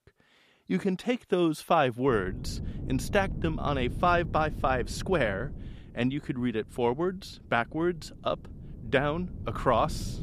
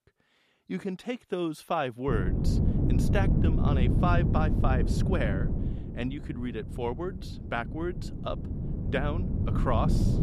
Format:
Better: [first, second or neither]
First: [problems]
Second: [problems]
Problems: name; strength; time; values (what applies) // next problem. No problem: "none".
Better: first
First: wind noise on the microphone; occasional gusts; from 2 s on; 20 dB below the speech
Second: wind noise on the microphone; heavy; from 2 s on; 4 dB below the speech